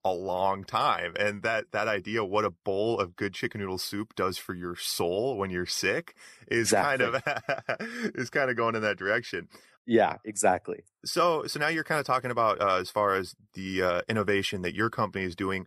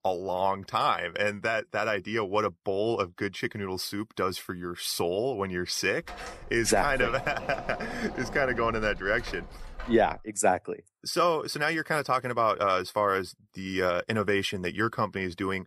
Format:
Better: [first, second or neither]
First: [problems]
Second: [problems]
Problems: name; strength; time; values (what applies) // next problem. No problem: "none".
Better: first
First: none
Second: door banging; faint; from 6 to 10 s; peak 10 dB below the speech